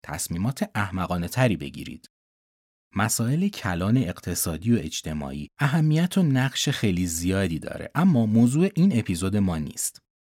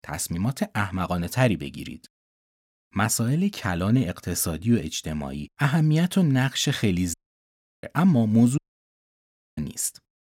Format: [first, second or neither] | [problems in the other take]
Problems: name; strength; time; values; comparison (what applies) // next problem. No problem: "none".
first | audio cutting out; at 7 s for 0.5 s and at 8.5 s for 1 s